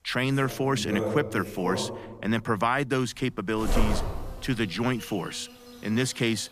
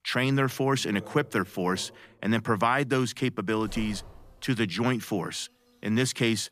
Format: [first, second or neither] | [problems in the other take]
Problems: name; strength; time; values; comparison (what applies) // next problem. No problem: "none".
second | animal sounds; loud; throughout; 7 dB below the speech; faint in the second